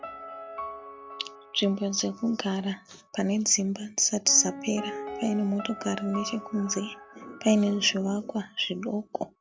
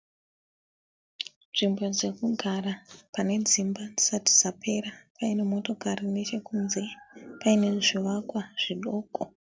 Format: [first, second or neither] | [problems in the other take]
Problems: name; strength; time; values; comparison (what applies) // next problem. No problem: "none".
second | background sound (Piano); 14 dB below the speech